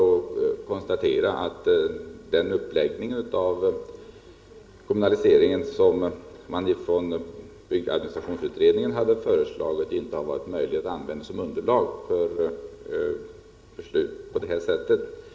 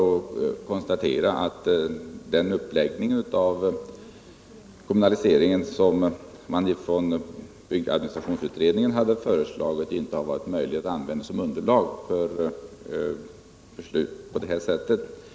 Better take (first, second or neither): second